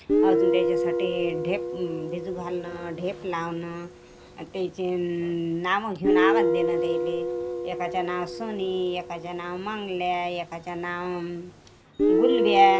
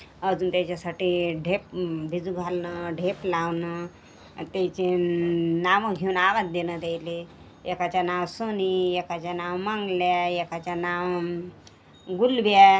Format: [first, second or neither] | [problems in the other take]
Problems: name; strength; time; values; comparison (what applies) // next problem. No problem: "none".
second | background sound (Guitar); 1 dB above the speech